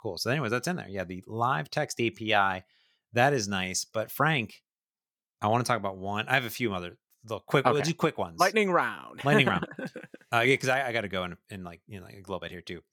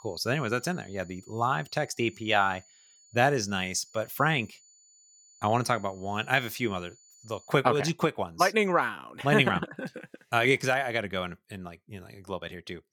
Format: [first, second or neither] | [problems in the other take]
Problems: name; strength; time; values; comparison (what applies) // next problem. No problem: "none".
first | high-pitched whine; faint; until 7.5 s; 7 kHz, 25 dB below the speech